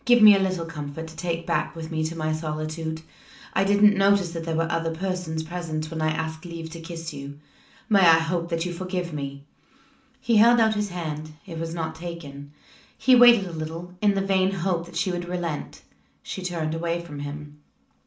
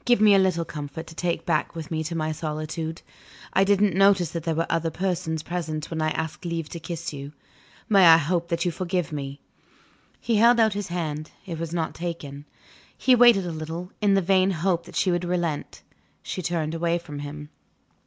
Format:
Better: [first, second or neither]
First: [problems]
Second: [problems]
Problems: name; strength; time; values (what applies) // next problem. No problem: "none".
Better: second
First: room echo; dies away in 0.4 s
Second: none